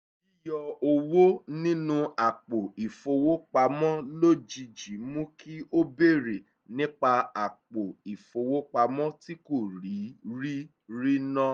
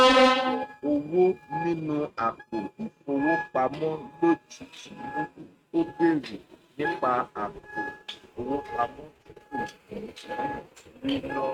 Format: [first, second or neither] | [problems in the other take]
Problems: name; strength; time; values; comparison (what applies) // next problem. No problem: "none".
first | noise reduction (neural mask model RNNoise)